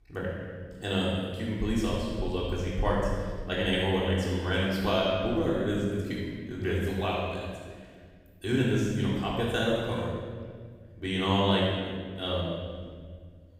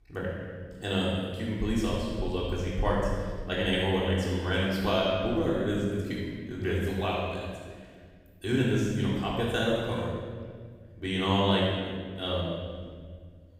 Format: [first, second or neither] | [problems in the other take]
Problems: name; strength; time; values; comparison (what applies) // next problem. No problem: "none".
neither | off-mic speech; far; the same in both // room echo; strong; dies away in 1.7 s; the same in both